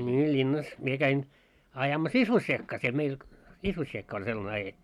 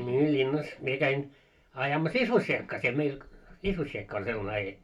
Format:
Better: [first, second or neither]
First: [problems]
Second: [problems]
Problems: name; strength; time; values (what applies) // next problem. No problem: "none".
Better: first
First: none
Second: room echo; dies away in 0.2 s